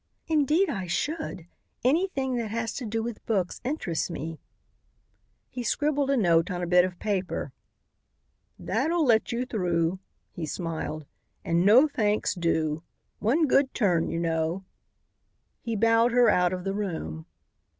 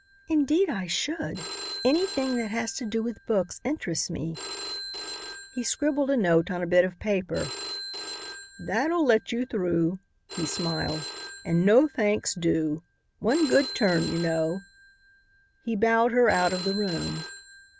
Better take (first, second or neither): first